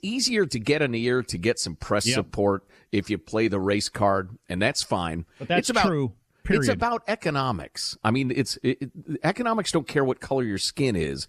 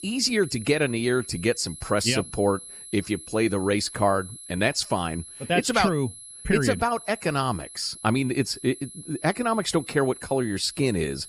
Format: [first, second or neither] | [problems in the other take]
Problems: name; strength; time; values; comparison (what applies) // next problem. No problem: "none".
first | high-pitched whine; noticeable; throughout; 11 kHz, 15 dB below the speech